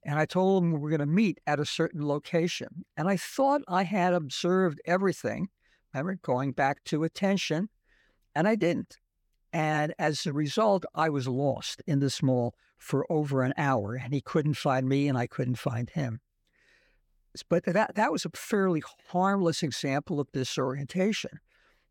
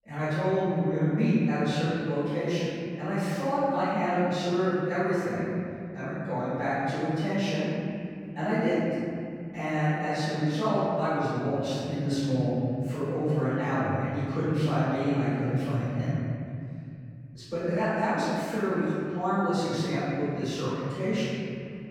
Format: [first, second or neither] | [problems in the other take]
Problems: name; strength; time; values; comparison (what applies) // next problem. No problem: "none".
first | off-mic speech; far // room echo; strong; dies away in 2.8 s